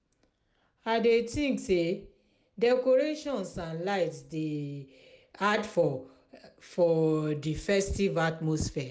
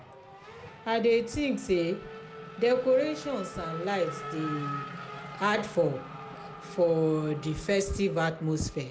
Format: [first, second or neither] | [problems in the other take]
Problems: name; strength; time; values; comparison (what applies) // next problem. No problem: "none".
first | background sound (Race car, auto racing / Accelerating, revving, vroom); 13 dB below the speech